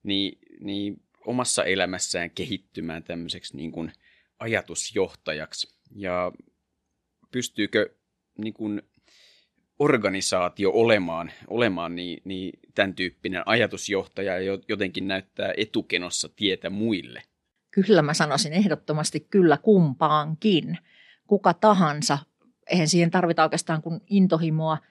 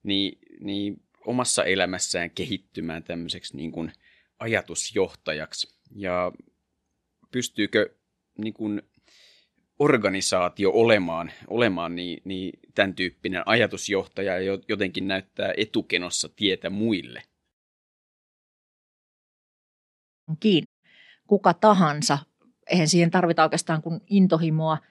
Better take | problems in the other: first | audio cutting out; at 18 s for 2.5 s and at 21 s

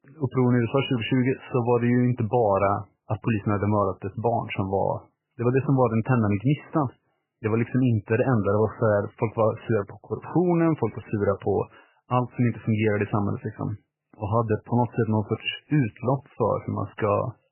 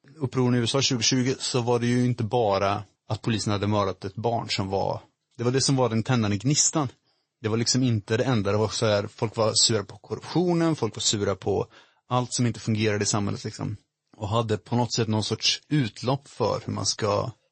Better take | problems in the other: second | garbled, watery; badly; nothing above 3 kHz; slightly in the second

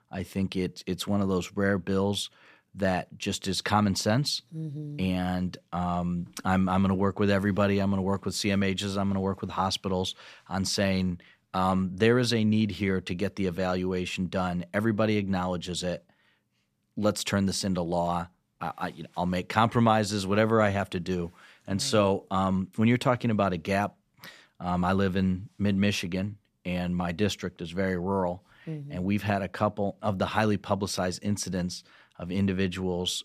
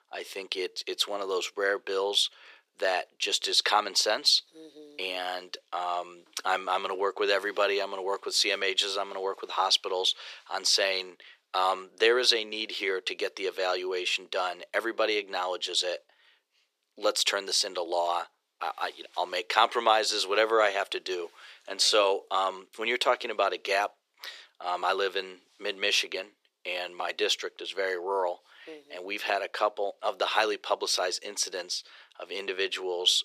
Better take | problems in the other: first | thin; very; fading below 350 Hz

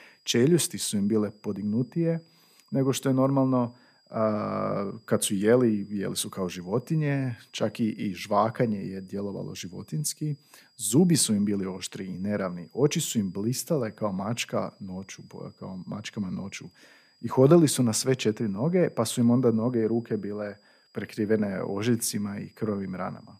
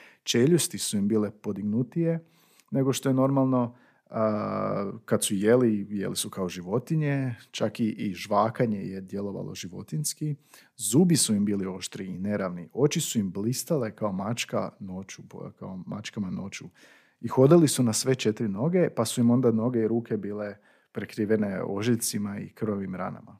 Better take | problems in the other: second | high-pitched whine; faint; throughout; 5 kHz, 35 dB below the speech

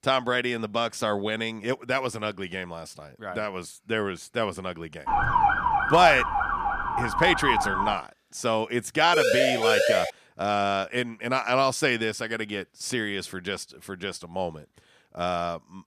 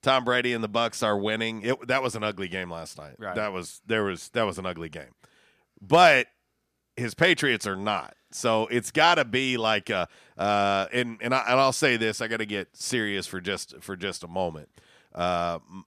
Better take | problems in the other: second | siren; loud; from 5 to 8 s and at 9 s; peak 5 dB above the speech

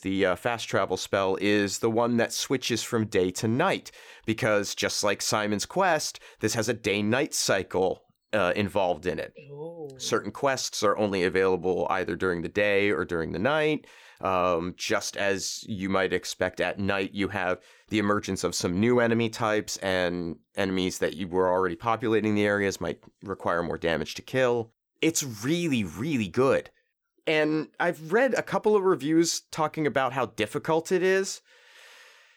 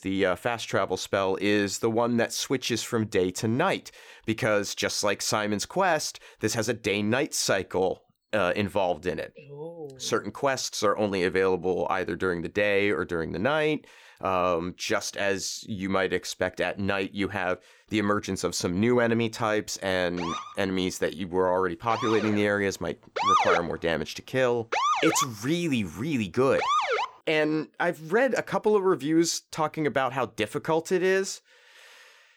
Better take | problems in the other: first | siren; loud; from 20 to 27 s; peak 5 dB above the speech

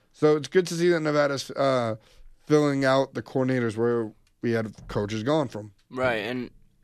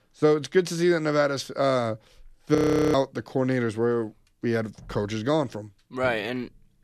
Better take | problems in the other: first | audio freezing; at 2.5 s

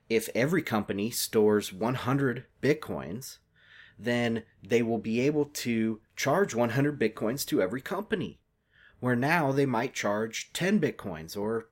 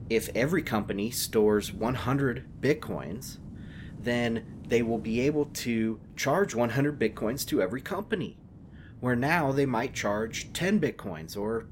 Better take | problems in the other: first | wind noise on the microphone; occasional gusts; 25 dB below the speech

